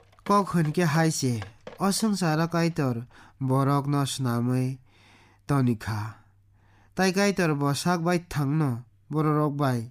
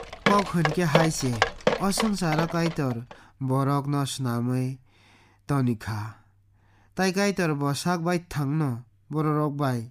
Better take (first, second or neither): first